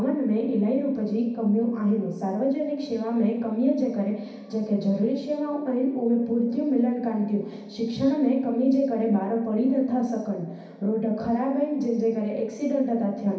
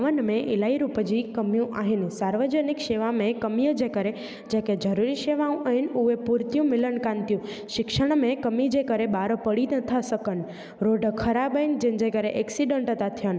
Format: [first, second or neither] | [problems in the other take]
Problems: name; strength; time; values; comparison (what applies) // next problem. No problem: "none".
second | room echo; dies away in 0.6 s